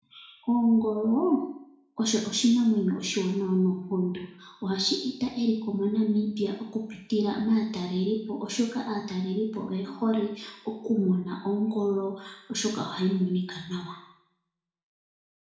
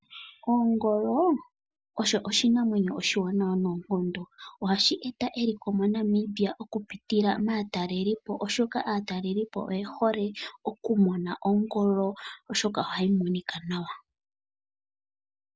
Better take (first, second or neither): second